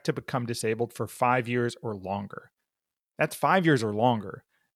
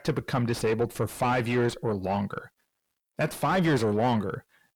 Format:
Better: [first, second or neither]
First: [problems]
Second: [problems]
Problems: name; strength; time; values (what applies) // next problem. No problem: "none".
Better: first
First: none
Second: distortion; heavy; 5 dB below the speech